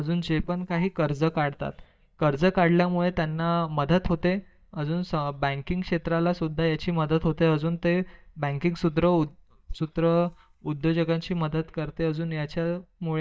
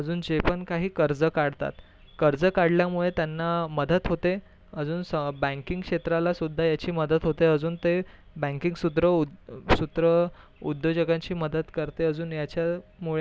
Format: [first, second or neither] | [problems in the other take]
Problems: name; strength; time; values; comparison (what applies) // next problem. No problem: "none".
second | noise reduction (neural mask model DeepFilterNet 3)